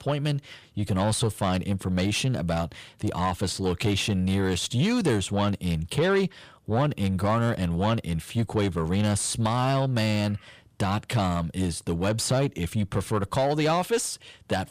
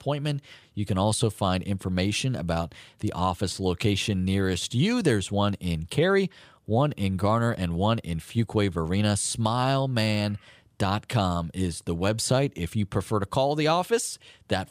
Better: second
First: distortion; slight; 10 dB below the speech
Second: none

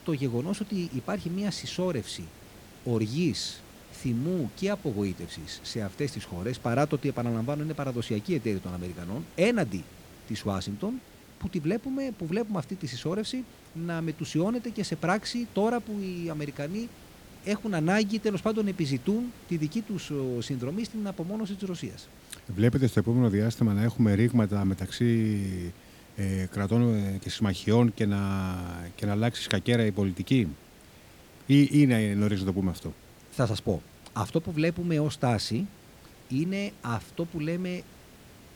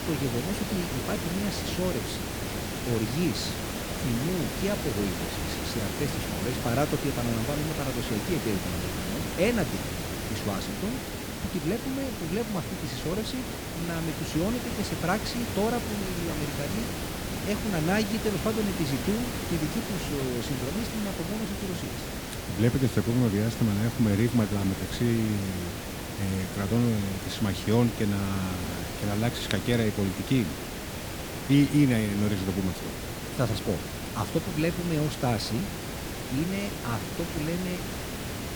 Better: first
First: hiss; faint; throughout; 20 dB below the speech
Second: hiss; loud; throughout; 4 dB below the speech

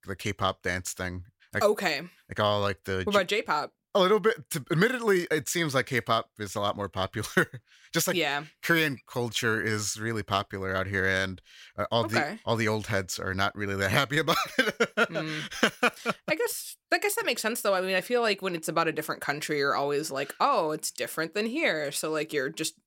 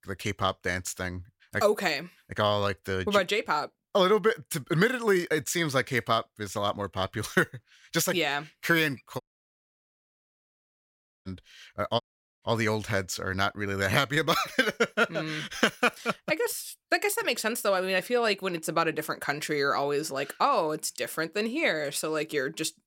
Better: first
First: none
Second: audio cutting out; at 9 s for 2 s and at 12 s

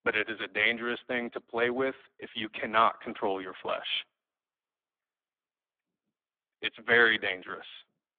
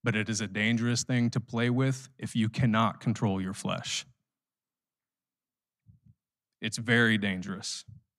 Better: second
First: phone-call audio; poor line; nothing above 3.5 kHz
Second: none

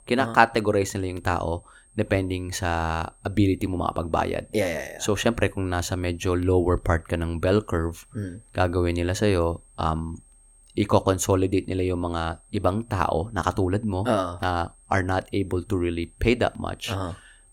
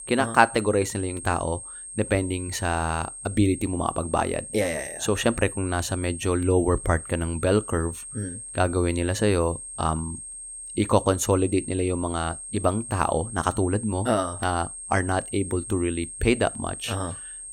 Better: first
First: high-pitched whine; faint; throughout; 8.5 kHz, 30 dB below the speech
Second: high-pitched whine; loud; throughout; 8.5 kHz, 10 dB below the speech

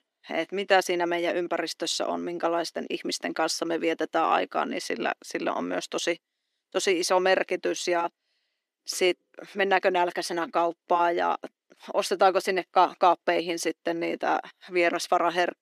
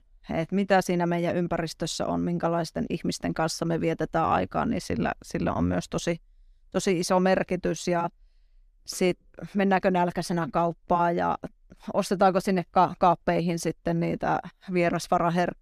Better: second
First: thin; somewhat; fading below 300 Hz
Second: none

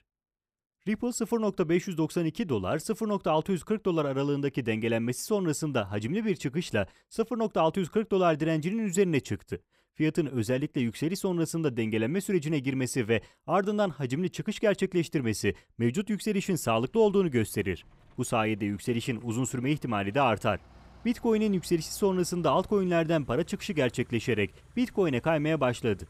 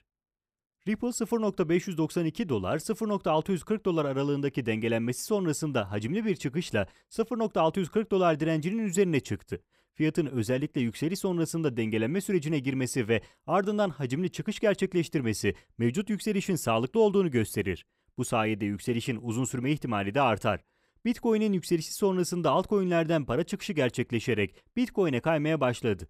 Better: second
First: traffic noise; faint; from 17 s on; 25 dB below the speech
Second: none

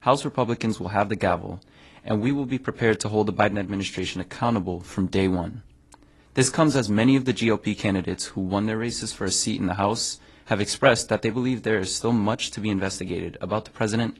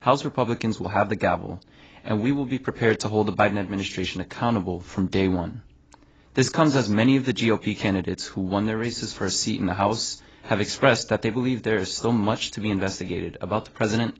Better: first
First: garbled, watery; slightly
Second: garbled, watery; badly; nothing above 7.5 kHz

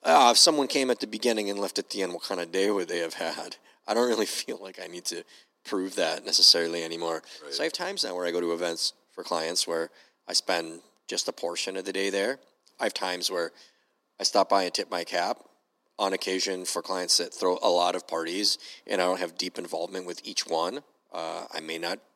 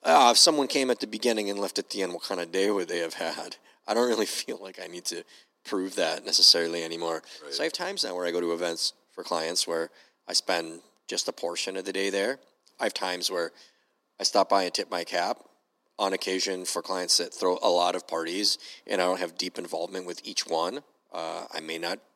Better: neither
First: thin; somewhat; fading below 250 Hz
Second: thin; somewhat; fading below 250 Hz

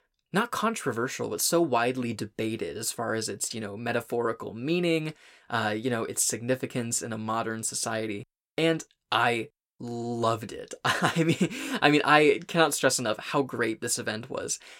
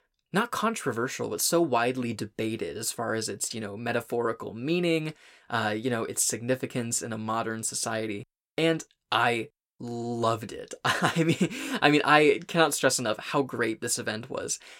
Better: neither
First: none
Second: none

